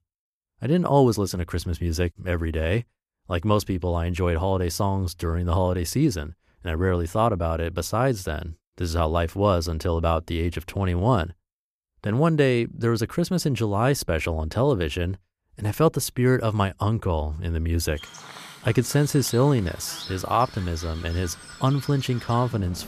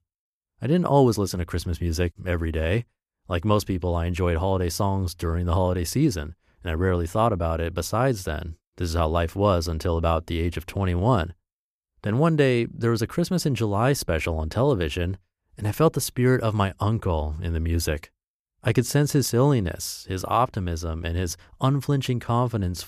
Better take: second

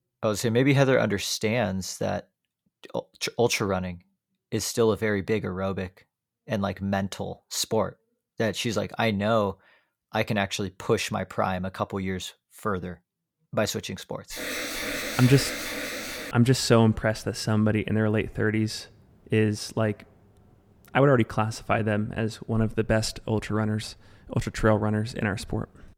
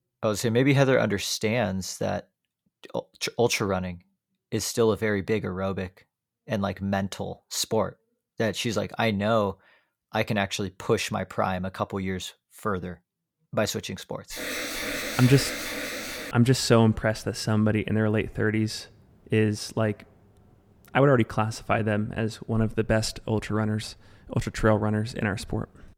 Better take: neither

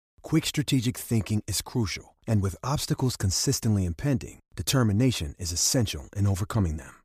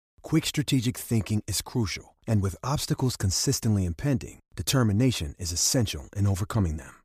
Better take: neither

